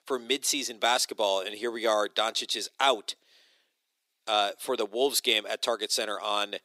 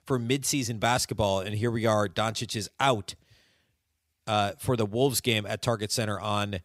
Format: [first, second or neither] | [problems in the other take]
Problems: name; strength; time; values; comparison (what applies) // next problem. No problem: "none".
second | thin; somewhat; fading below 350 Hz